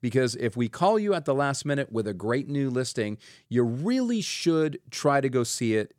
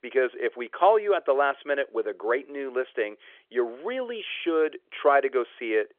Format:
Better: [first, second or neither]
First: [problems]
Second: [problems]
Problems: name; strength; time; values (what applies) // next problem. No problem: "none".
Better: first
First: none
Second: phone-call audio; nothing above 3.5 kHz